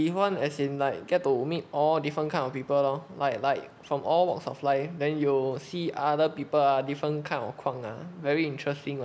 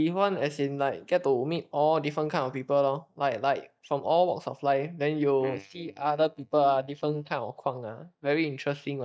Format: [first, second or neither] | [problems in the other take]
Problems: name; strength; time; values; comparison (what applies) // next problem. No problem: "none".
first | noise reduction (neural mask model DeepFilterNet 3)